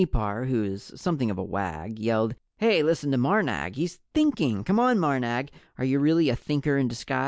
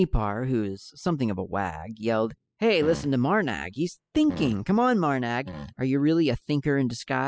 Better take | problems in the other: first | noise reduction (classical method spectral subtraction)

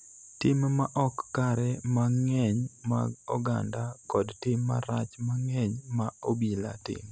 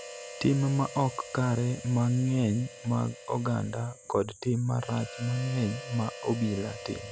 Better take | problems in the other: first | background sound (Harmonica); 15 dB below the speech

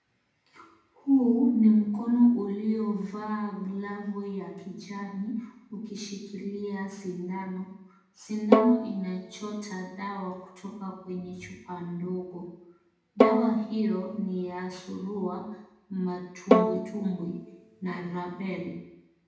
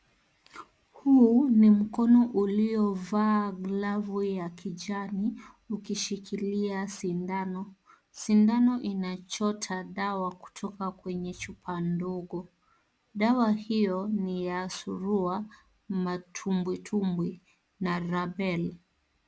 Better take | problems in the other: second | background sound (Bowed string instrument); 2 dB above the speech // room echo; dies away in 0.8 s

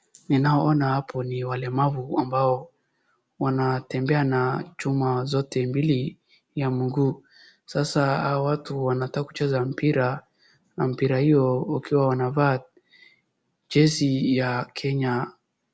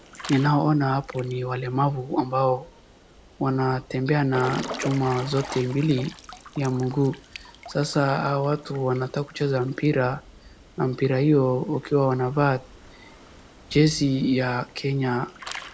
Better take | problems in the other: first | background sound (Drip / Trickle, dribble / Water / Splash, splatter); 17 dB below the speech

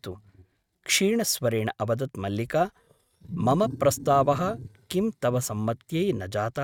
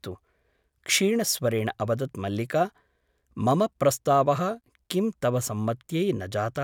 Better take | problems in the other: second | noise reduction (neural mask model RNNoise)

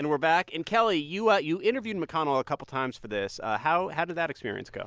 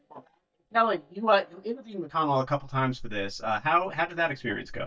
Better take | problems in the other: first | noise reduction (neural mask model DeepFilterNet 3)

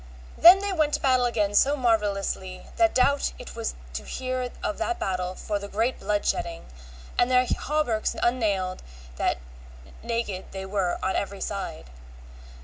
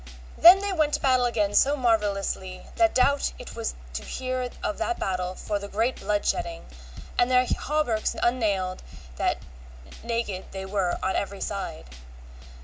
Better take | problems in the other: first | background sound (Drum / Drum kit); 19 dB below the speech

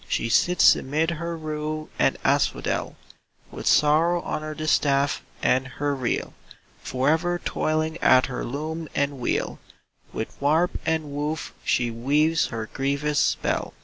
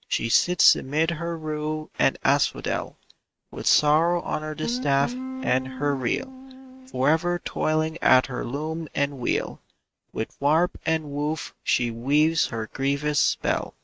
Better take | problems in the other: first | noise reduction (neural mask model RNNoise)

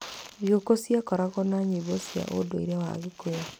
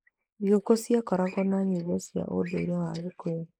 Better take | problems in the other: first | noise reduction (neural mask model Resemble Enhance denoiser)

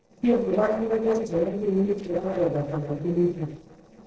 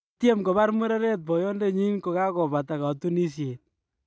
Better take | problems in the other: second | noise reduction (neural separator model SepFormer DNS4)

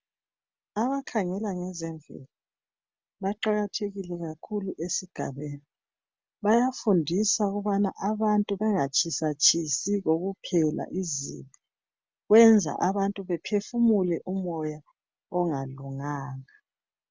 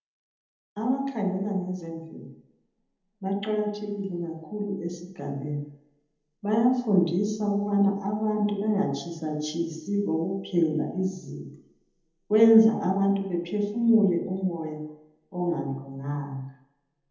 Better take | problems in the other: first | room echo; dies away in 0.8 s

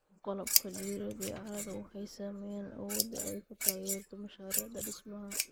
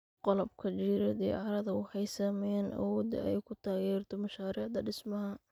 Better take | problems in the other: second | noise reduction (neural mask model Resemble Enhance denoiser)

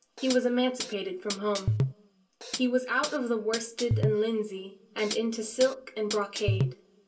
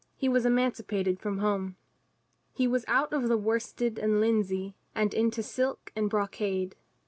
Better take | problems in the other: second | background sound (Hi-hat); 3 dB below the speech // room echo; dies away in 0.2 s

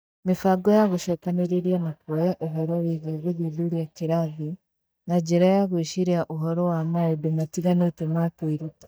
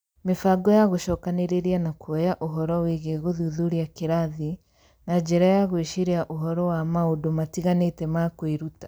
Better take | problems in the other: second | noise reduction (neural mask model DeepFilterNet 3)

